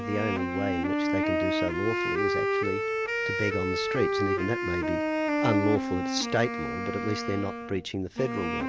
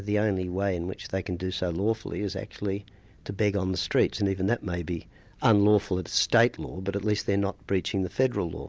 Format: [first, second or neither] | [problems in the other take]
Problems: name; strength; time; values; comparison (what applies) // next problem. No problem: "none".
second | background sound (Wind instrument, woodwind instrument); 2 dB above the speech